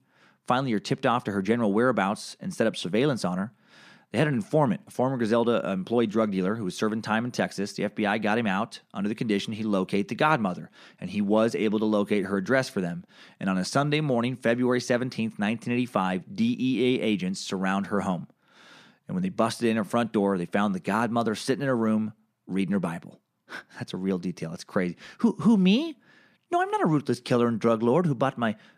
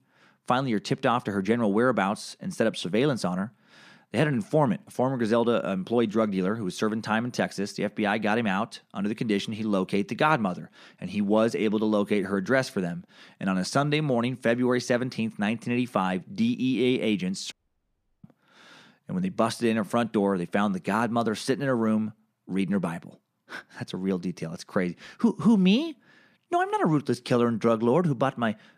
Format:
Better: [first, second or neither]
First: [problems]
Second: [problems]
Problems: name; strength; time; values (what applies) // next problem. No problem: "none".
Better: first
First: none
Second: audio cutting out; at 18 s for 0.5 s